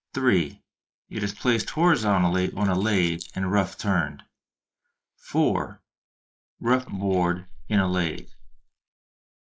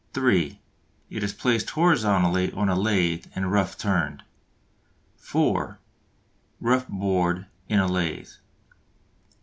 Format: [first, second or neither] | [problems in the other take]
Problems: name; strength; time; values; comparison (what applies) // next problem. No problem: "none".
second | noise reduction (neural mask model Resemble Enhance denoiser)